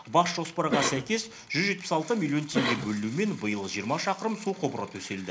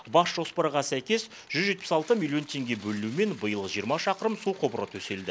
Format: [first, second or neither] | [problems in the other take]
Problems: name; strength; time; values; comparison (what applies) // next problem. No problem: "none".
second | background sound (Cough); 5 dB below the speech // room echo; dies away in 0.4 s